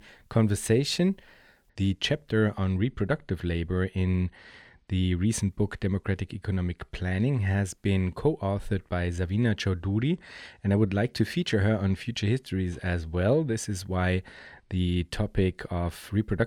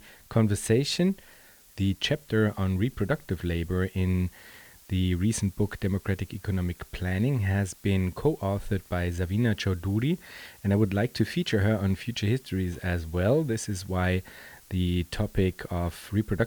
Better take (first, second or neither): first